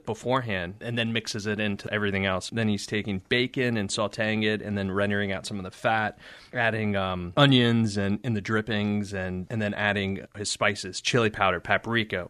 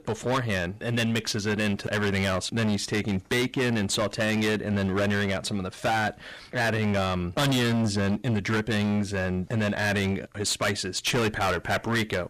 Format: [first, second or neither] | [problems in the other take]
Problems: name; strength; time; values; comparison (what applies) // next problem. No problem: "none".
first | distortion; heavy; 19% of the sound clipped